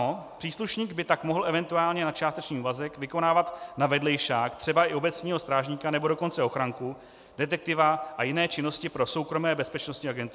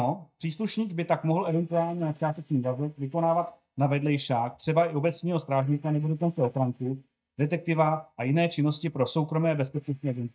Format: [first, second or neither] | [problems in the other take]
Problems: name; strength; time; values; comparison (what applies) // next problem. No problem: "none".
first | noise reduction (neural mask model DeepFilterNet 3)